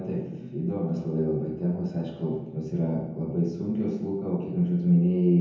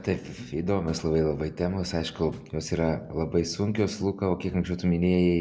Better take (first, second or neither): second